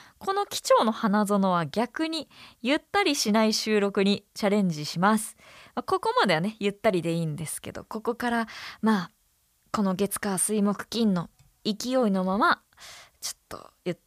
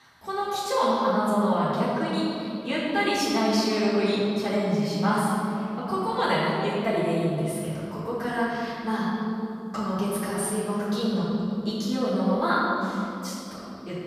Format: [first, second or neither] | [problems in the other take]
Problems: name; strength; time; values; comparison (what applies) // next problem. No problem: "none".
first | off-mic speech; far // room echo; strong; dies away in 2.8 s